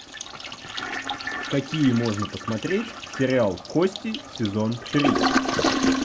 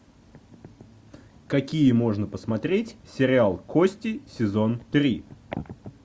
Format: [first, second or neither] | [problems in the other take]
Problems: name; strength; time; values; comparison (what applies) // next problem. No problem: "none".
second | background sound (Toilet flush); 2 dB below the speech